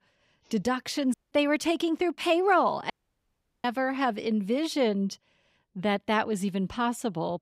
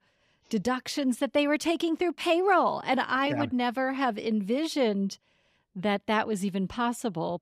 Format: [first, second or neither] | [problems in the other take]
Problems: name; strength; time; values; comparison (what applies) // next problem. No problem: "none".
second | audio cutting out; at 1 s and at 3 s for 0.5 s